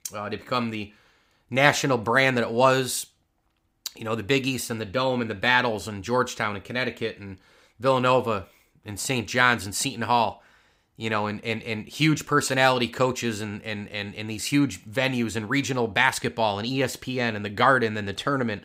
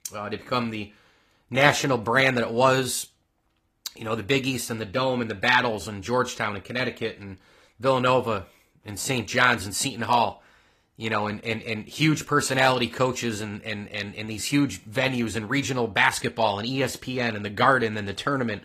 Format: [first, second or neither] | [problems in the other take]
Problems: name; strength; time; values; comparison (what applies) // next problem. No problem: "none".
first | garbled, watery; slightly; nothing above 14.5 kHz